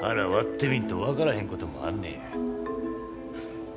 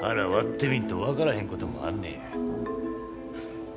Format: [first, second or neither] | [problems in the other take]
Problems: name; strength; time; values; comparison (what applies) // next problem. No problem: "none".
first | background sound (Brass instrument); 14 dB below the speech